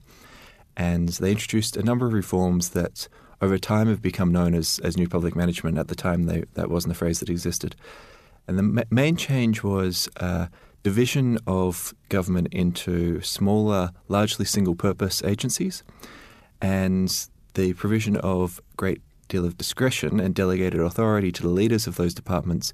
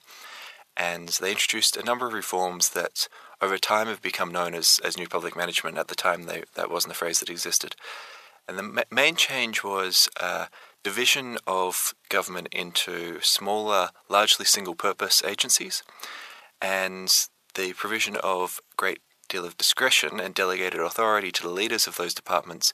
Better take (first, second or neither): first